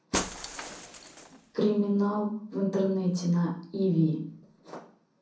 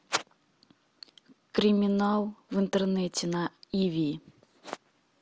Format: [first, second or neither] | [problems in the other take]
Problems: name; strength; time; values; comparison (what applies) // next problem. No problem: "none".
second | background sound (Shatter); 13 dB below the speech // room echo; dies away in 0.6 s